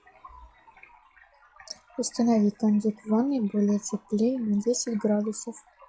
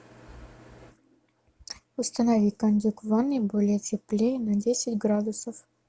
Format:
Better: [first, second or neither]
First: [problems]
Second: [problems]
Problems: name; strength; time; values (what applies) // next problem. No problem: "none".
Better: second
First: noise reduction (classical method log-MMSE)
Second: none